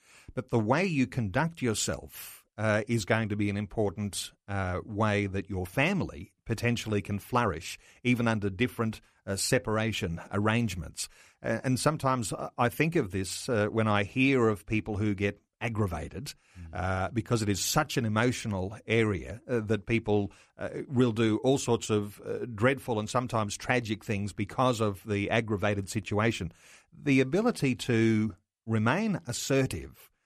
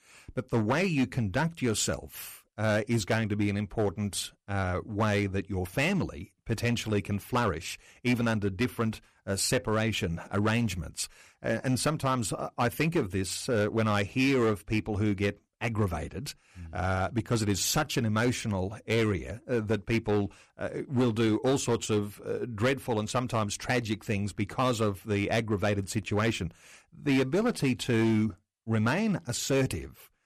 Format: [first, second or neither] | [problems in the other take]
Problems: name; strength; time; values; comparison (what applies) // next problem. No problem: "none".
first | distortion; slight; 6% of the sound clipped